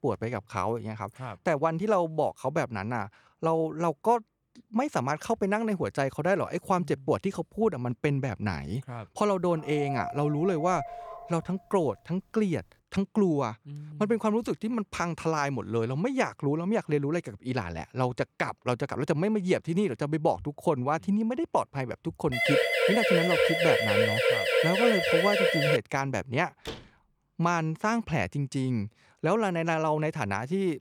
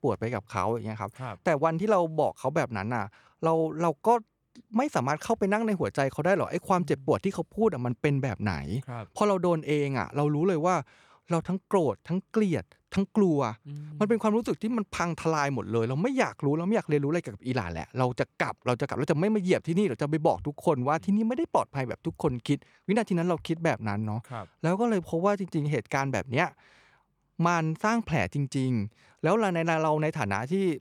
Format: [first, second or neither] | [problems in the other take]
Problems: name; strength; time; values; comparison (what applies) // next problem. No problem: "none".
second | dog barking; noticeable; from 9.5 to 11 s; peak 6 dB below the speech // siren; loud; from 22 to 26 s; peak 6 dB above the speech // door banging; faint; at 27 s; peak 10 dB below the speech